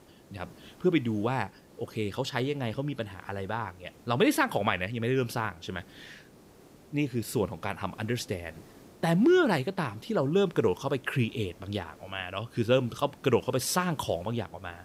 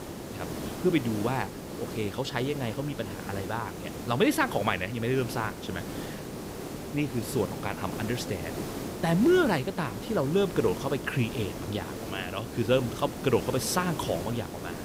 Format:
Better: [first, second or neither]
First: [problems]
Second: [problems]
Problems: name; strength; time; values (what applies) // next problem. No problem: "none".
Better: first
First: hiss; faint; throughout; 25 dB below the speech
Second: hiss; loud; throughout; 8 dB below the speech